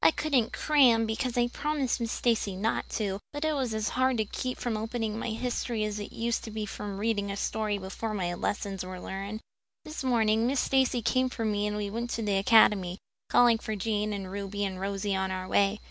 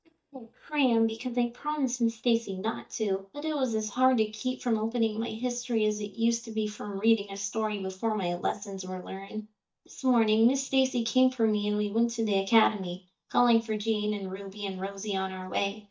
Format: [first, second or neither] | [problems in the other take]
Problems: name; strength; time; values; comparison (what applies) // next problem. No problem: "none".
first | noise reduction (neural mask model DeepFilterNet 3)